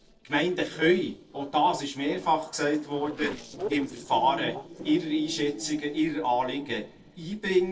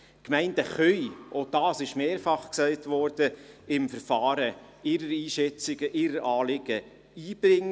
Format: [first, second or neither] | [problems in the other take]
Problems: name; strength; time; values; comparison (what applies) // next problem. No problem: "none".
second | noise reduction (neural separator model SepFormer DNS4)